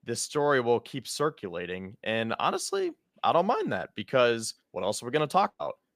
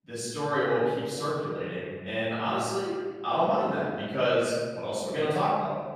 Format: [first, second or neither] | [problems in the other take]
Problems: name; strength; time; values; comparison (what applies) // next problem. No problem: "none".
first | room echo; strong; dies away in 1.6 s // off-mic speech; far